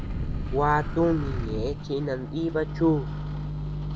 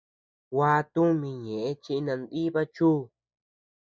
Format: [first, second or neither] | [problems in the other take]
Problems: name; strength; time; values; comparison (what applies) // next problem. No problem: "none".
second | background sound (Microwave oven); 3 dB below the speech